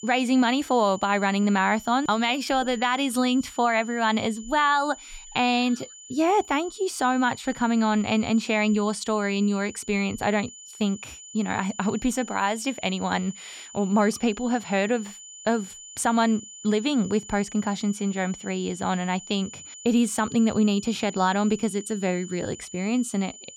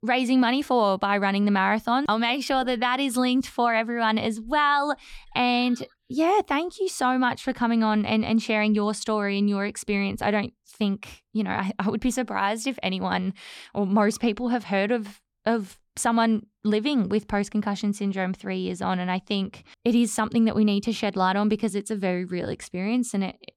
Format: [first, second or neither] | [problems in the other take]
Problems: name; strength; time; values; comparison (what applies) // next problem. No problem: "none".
second | high-pitched whine; noticeable; throughout; 7 kHz, 15 dB below the speech